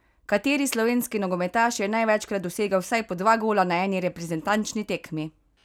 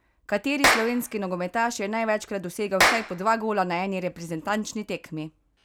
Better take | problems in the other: first | background sound (Clapping); as loud as the speech

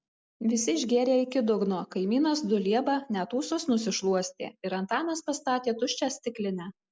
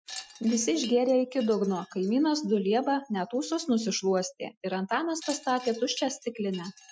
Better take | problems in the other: first | noise reduction (classical method Wiener filter)

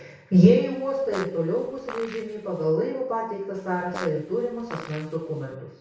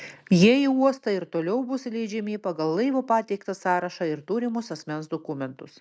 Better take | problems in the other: second | background sound (Fart); 17 dB below the speech // room echo; dies away in 0.6 s

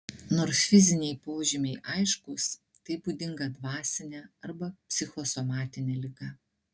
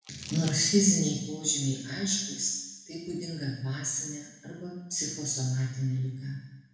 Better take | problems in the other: first | background sound (Crumpling, crinkling); 15 dB below the speech // room echo; dies away in 1 s

